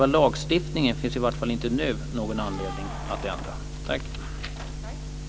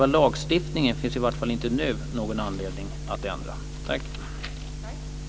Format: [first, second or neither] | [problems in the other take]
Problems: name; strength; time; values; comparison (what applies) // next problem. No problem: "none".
second | background sound (Keys jangling); 18 dB below the speech